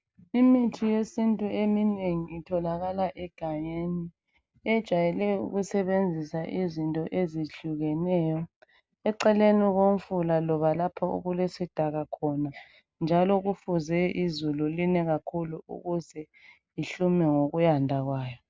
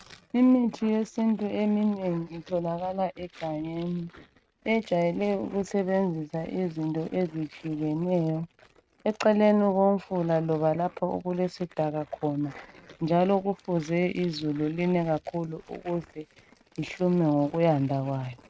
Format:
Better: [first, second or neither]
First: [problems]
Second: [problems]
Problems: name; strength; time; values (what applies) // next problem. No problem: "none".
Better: first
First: none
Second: noise reduction (neural mask model RNNoise)